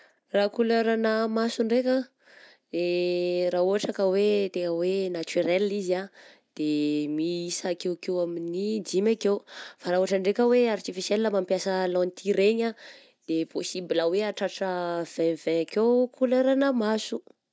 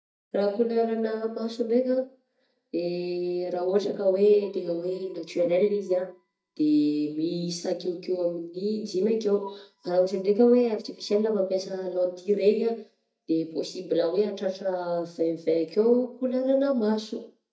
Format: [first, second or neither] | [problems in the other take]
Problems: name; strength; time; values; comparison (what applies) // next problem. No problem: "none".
first | noise reduction (neural mask model DeepFilterNet 3)